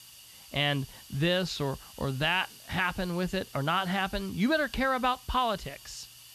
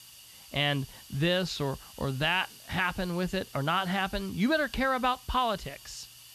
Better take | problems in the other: neither | hiss; noticeable; throughout; 20 dB below the speech; the same in both

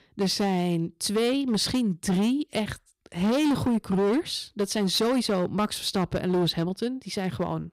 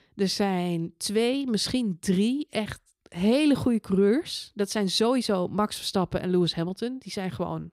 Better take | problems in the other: second | distortion; slight; 12% of the sound clipped

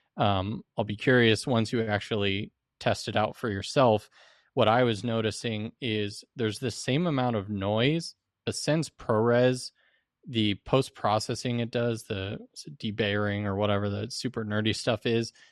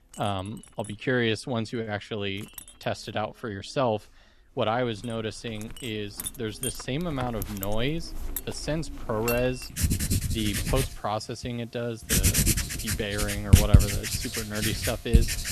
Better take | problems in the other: first | household noises; very loud; throughout; 4 dB above the speech

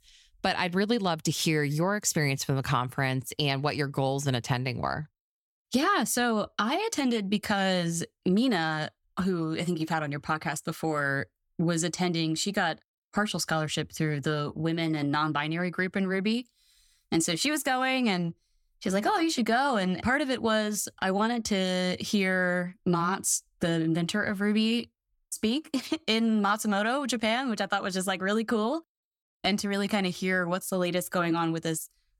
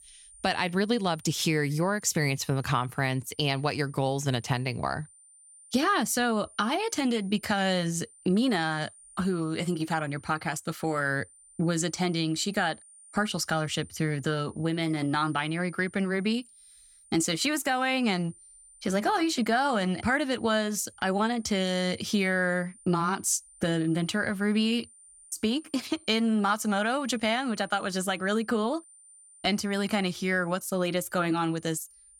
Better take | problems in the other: first | high-pitched whine; faint; throughout; 9 kHz, 25 dB below the speech

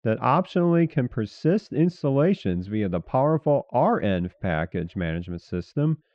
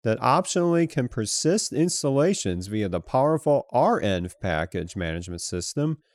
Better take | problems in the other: second | muffled; very; fading above 3 kHz

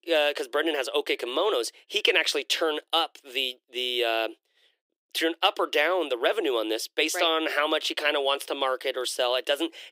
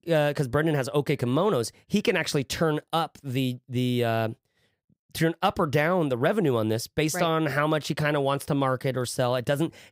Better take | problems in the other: second | thin; very; fading below 350 Hz

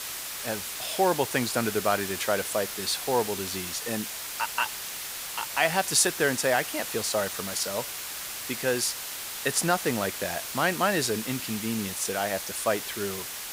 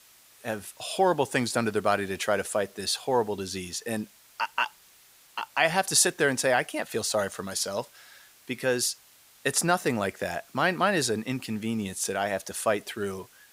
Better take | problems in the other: second | hiss; loud; throughout; 5 dB below the speech; faint in the second

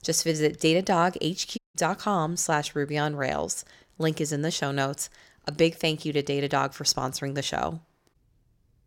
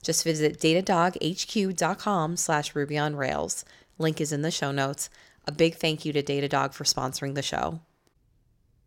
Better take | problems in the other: second | audio cutting out; at 1.5 s

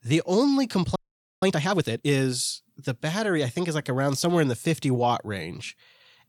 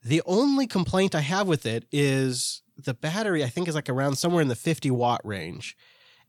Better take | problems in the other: second | audio freezing; at 1 s

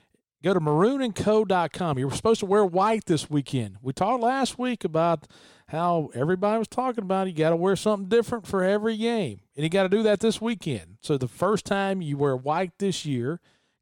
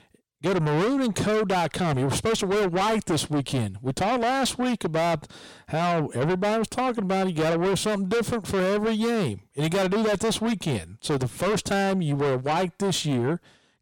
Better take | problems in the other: first | distortion; heavy; 6 dB below the speech

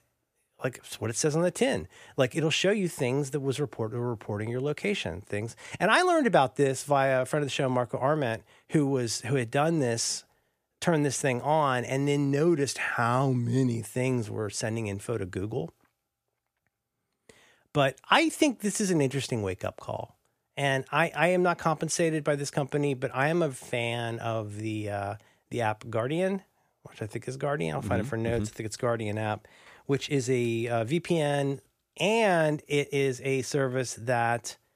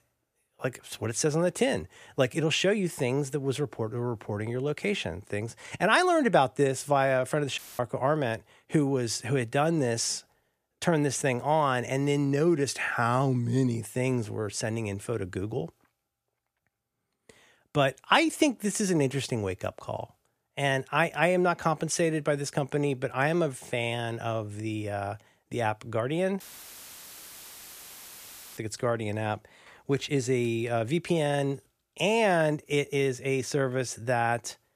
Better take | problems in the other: first | audio cutting out; filled with static; at 7.5 s and at 26 s for 2 s

